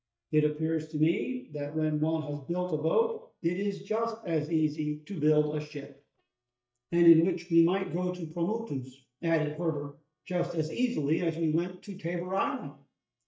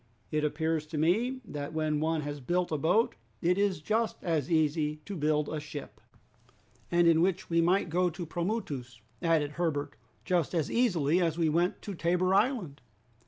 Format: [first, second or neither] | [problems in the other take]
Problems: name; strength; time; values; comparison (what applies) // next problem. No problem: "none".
second | noise reduction (neural mask model DeepFilterNet 3)